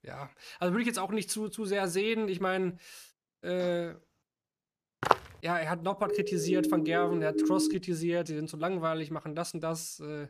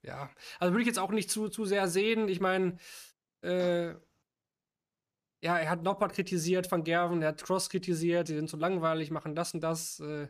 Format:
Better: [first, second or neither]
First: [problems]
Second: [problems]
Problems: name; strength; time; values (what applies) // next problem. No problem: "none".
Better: second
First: footsteps; loud; at 5 s; peak 4 dB above the speech // siren; loud; from 6 to 7.5 s; peak 4 dB above the speech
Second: none